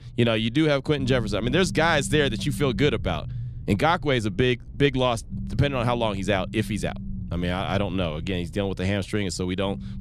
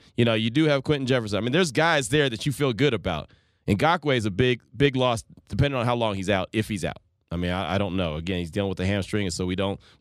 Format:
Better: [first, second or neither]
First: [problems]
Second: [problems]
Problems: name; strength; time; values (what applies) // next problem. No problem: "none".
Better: second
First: low rumble; noticeable; throughout; 20 dB below the speech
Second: none